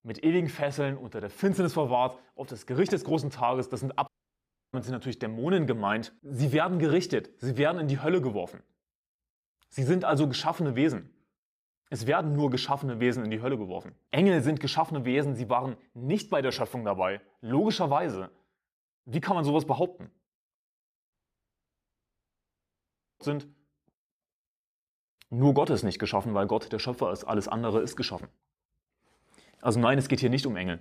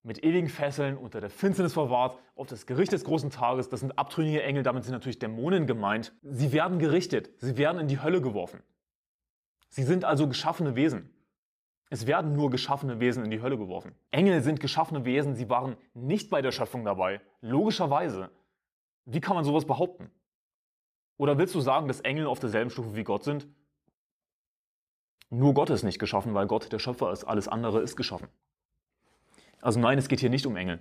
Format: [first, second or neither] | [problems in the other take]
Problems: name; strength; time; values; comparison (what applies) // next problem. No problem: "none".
second | audio cutting out; at 4 s for 0.5 s and at 21 s for 2 s